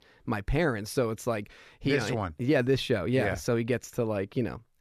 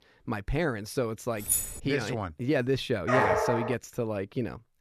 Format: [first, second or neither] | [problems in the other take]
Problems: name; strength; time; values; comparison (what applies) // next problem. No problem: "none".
first | jangling keys; loud; at 1.5 s; peak 4 dB above the speech // dog barking; loud; at 3 s; peak 6 dB above the speech